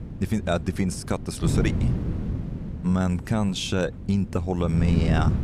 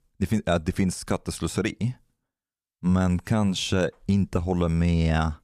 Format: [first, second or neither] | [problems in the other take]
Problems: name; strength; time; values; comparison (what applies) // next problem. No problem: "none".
second | wind noise on the microphone; heavy; 9 dB below the speech